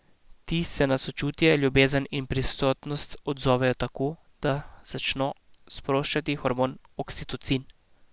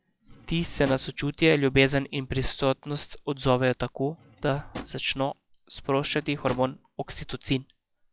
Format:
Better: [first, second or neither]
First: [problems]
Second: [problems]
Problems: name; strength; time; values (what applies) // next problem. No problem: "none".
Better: first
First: none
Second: noise reduction (classical method log-MMSE)